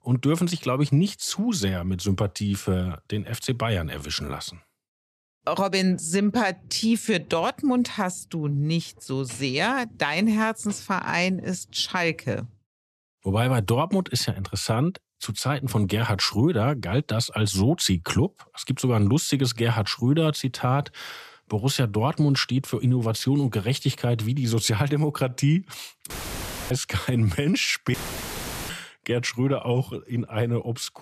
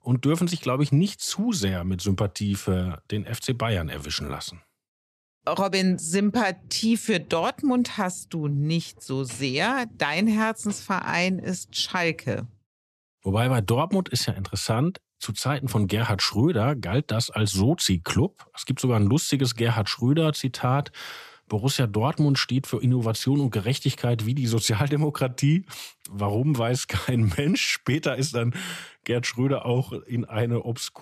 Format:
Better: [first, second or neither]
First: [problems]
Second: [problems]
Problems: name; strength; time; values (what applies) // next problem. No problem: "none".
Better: second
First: audio cutting out; filled with static; at 26 s for 0.5 s and at 28 s for 1 s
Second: none